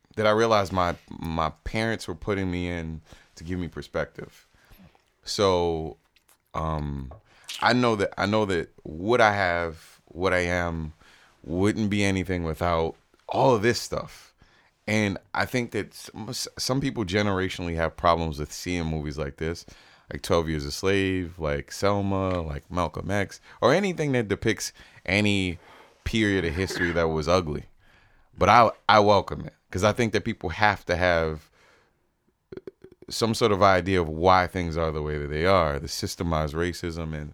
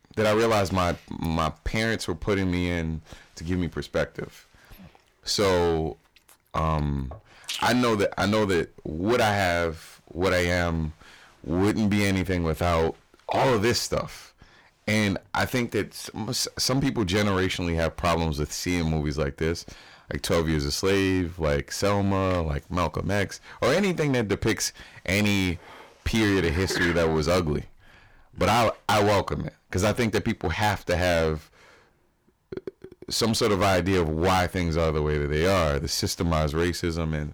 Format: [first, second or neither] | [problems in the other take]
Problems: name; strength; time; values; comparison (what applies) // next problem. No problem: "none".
first | distortion; heavy; 12% of the sound clipped